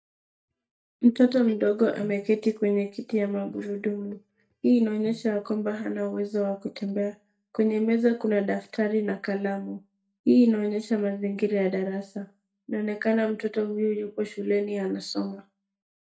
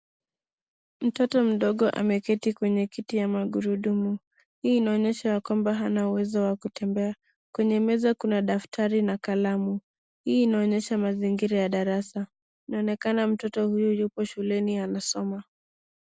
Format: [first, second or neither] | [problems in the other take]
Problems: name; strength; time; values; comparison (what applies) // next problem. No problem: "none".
second | noise reduction (neural mask model DeepFilterNet 3)